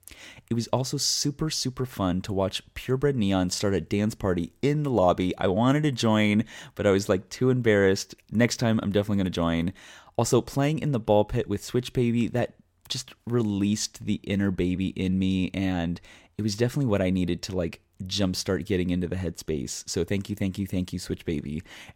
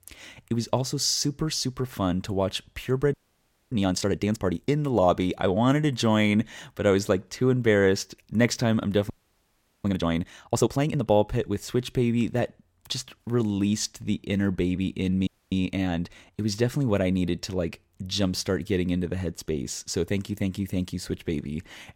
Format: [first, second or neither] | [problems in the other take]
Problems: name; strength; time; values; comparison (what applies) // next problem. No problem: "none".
first | audio freezing; at 3 s for 0.5 s, at 9 s for 0.5 s and at 15 s